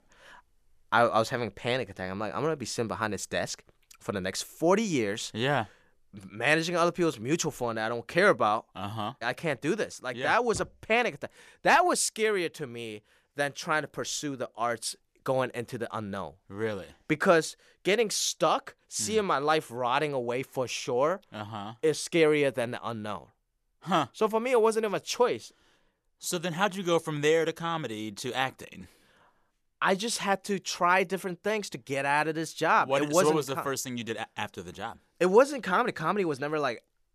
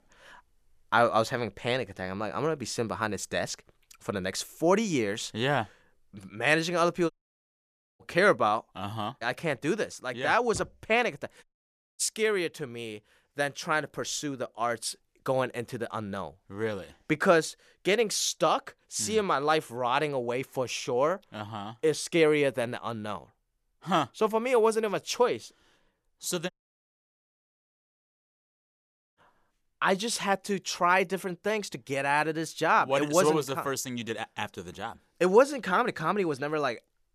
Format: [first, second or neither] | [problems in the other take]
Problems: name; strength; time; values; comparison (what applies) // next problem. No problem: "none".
first | audio cutting out; at 7 s for 1 s, at 11 s for 0.5 s and at 27 s for 2.5 s